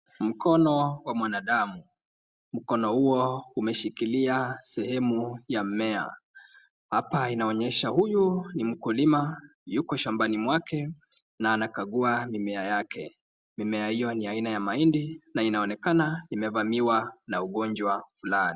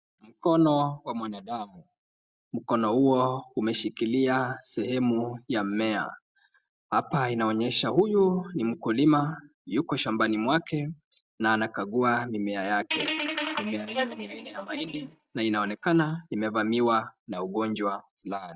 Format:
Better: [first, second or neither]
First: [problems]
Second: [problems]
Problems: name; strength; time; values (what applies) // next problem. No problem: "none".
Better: first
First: none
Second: noise reduction (neural mask model DeepFilterNet 3)